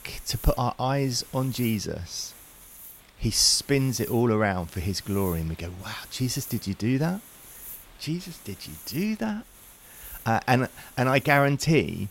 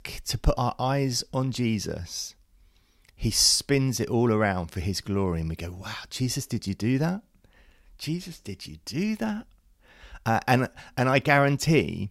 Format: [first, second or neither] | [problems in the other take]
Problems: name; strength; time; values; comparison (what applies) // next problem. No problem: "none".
second | hiss; noticeable; throughout; 20 dB below the speech